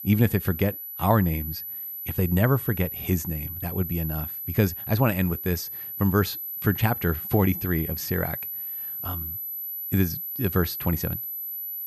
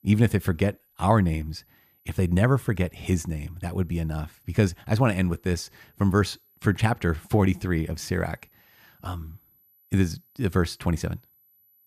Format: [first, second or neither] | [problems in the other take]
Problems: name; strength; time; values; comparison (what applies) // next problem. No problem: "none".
second | high-pitched whine; loud; throughout; 12 kHz, 5 dB below the speech; faint in the second